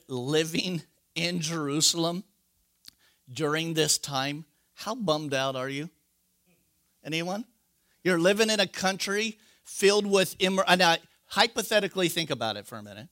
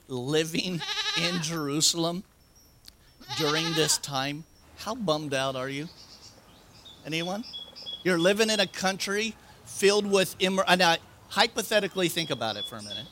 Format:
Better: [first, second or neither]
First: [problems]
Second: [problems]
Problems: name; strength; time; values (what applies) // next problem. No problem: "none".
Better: first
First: none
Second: animal sounds; loud; throughout; 8 dB below the speech